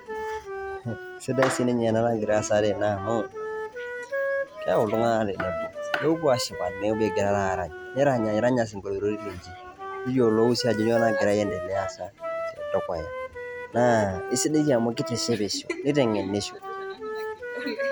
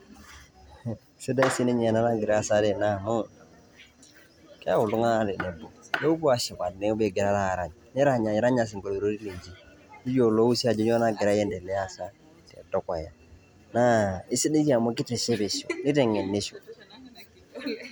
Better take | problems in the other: second | background sound (Wind instrument, woodwind instrument); 8 dB below the speech

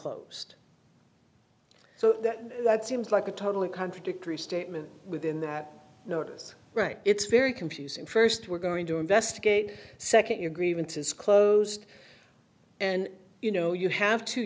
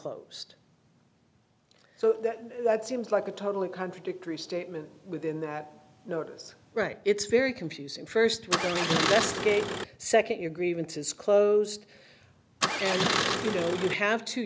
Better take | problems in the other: first | background sound (Engine starting); as loud as the speech

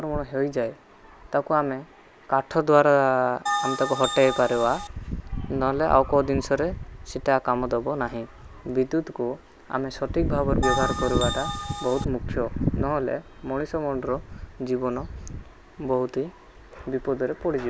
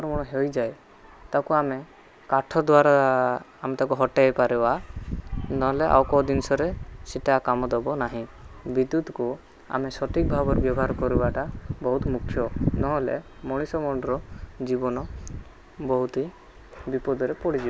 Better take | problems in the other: second | background sound (Bell); 4 dB below the speech

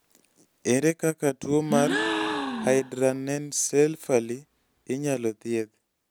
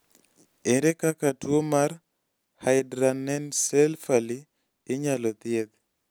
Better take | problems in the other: second | background sound (Gasp); 5 dB below the speech

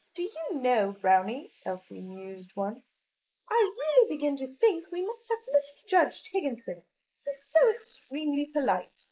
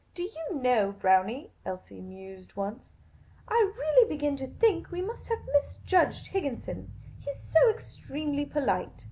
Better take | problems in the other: second | noise reduction (neural mask model Resemble Enhance denoiser)

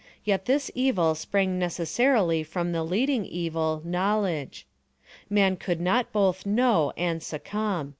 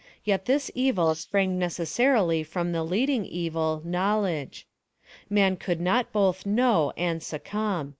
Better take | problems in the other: first | noise reduction (neural mask model Resemble Enhance denoiser)

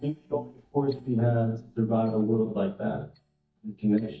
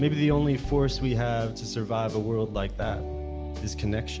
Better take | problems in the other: second | noise reduction (neural mask model DeepFilterNet 3)

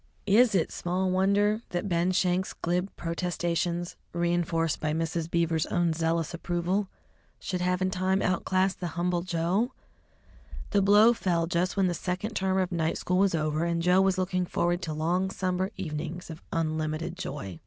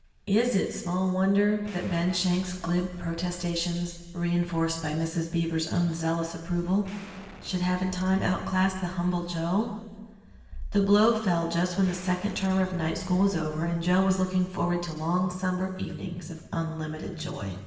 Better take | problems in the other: first | background sound (Explosion); 19 dB below the speech // room echo; dies away in 1.4 s

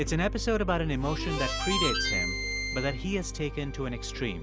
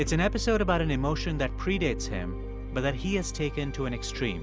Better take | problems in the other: second | background sound (Harmonica); 3 dB below the speech

